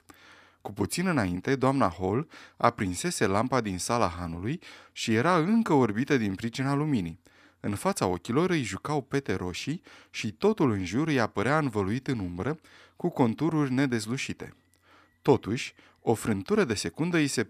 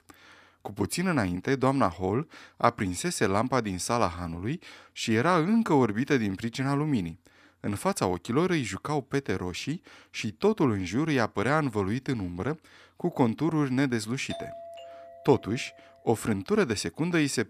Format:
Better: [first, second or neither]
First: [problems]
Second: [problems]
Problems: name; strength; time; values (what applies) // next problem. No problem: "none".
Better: first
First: none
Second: doorbell; faint; from 14 to 16 s; peak 10 dB below the speech